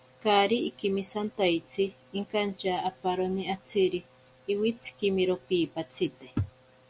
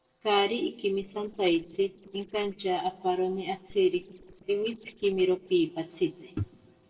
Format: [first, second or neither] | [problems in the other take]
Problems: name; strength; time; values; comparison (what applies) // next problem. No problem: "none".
first | noise reduction (neural separator model SepFormer DNS4)